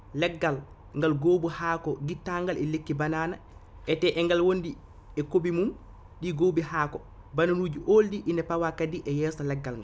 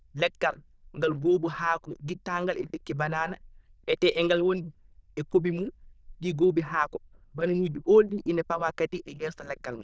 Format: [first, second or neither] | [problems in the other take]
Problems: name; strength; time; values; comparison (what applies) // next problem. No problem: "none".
first | noise reduction (neural diffusion model UNIVERSE++)